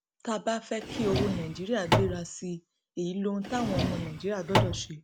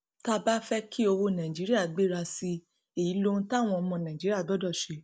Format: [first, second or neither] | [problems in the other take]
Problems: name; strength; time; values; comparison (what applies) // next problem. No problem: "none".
second | background sound (Drawer open or close); 2 dB above the speech